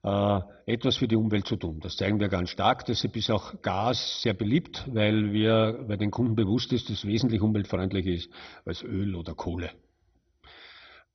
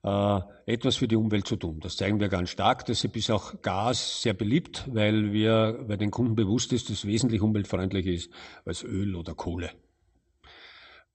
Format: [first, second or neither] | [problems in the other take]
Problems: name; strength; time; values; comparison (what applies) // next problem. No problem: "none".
second | garbled, watery; badly; nothing above 6 kHz; slightly in the second